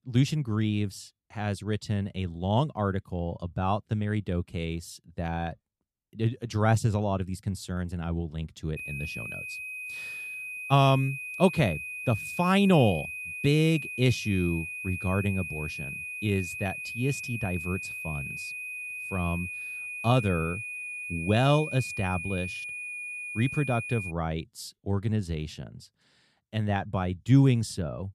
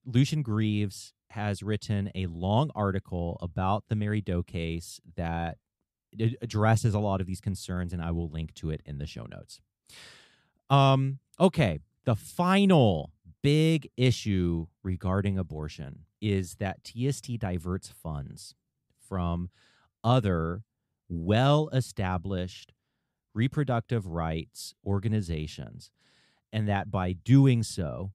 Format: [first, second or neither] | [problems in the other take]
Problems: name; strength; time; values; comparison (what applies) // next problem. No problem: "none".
second | high-pitched whine; loud; from 9 to 24 s; 2.5 kHz, 6 dB below the speech